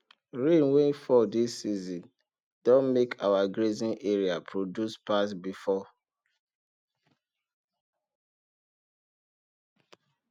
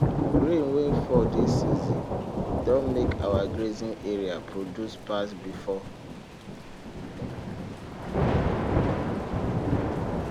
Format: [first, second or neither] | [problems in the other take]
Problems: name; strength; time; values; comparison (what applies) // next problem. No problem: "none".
first | background sound (Thunder / Rain); 3 dB above the speech